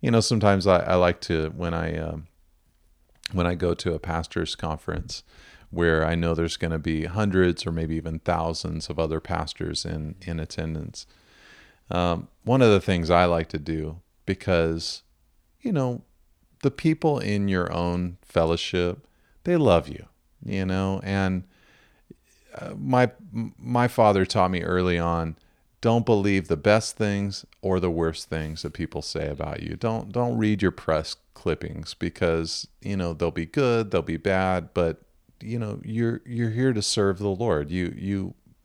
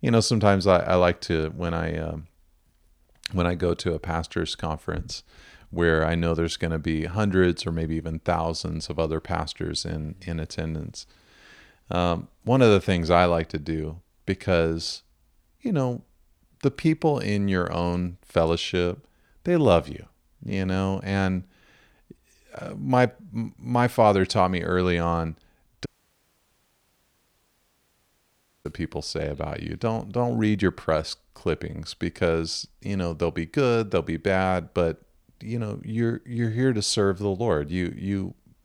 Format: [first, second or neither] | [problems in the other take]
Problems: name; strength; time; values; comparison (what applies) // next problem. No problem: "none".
first | audio cutting out; at 26 s for 3 s